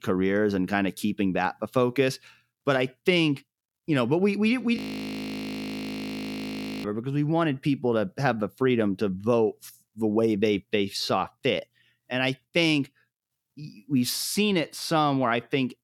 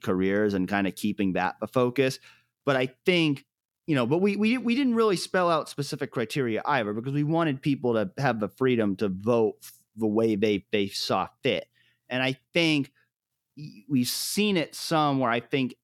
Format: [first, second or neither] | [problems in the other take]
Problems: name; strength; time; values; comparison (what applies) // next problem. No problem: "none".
second | audio freezing; at 5 s for 2 s